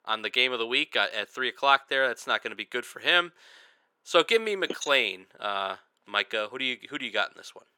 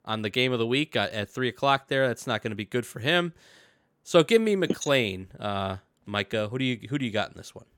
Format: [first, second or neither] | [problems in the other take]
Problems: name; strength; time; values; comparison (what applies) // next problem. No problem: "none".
second | thin; somewhat; fading below 450 Hz